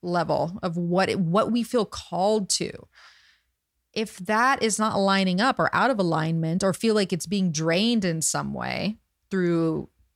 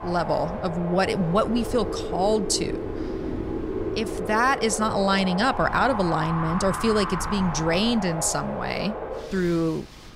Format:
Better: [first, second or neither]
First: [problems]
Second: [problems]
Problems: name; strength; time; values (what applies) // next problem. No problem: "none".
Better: first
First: none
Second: wind in the background; loud; throughout; 7 dB below the speech